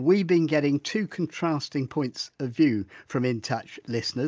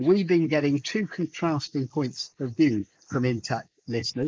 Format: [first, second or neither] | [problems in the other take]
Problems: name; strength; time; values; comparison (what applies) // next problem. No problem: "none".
first | noise reduction (neural mask model Resemble Enhance denoiser)